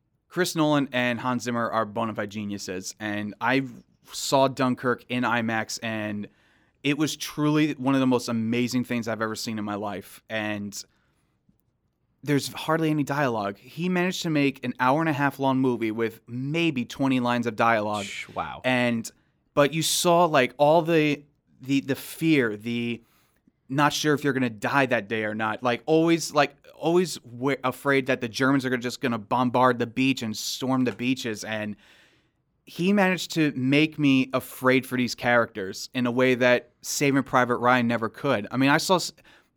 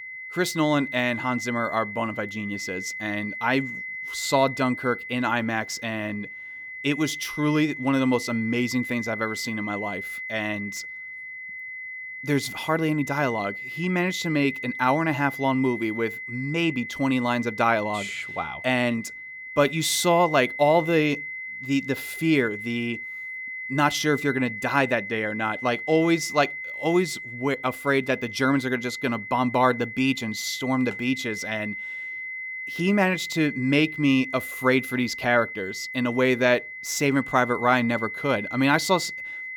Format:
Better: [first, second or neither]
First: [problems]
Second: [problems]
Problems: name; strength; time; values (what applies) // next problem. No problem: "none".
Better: first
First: none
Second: high-pitched whine; loud; throughout; 2 kHz, 8 dB below the speech